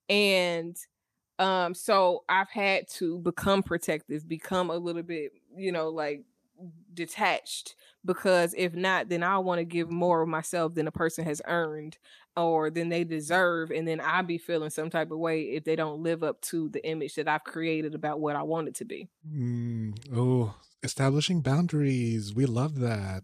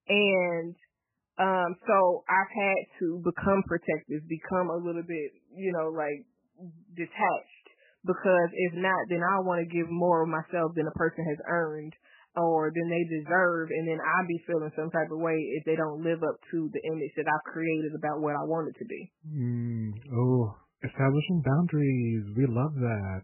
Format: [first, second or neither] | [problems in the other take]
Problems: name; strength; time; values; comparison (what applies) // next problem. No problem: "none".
first | garbled, watery; badly; nothing above 3 kHz